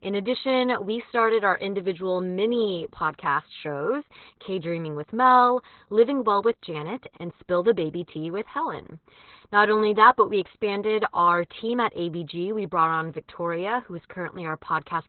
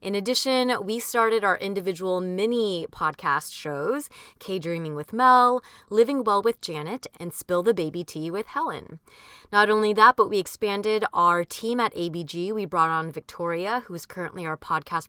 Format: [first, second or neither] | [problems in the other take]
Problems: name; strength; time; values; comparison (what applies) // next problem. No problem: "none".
second | garbled, watery; badly; nothing above 4 kHz; slightly in the second